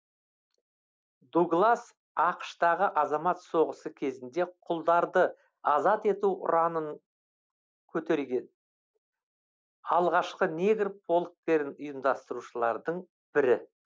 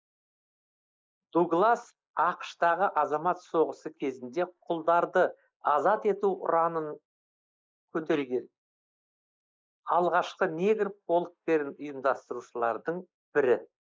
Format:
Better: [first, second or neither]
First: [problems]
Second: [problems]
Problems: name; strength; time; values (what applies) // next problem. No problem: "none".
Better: first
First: none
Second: noise reduction (neural mask model Resemble Enhance denoiser)